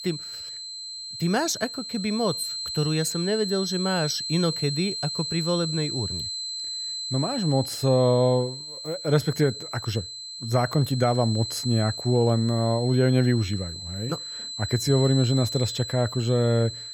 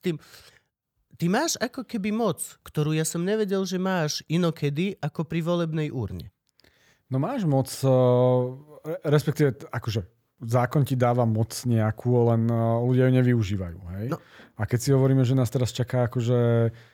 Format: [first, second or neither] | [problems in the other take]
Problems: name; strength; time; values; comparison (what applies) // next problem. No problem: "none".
second | high-pitched whine; loud; throughout; 4 kHz, 6 dB below the speech